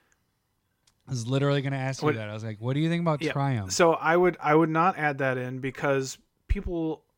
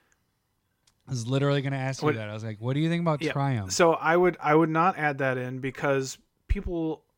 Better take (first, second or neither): neither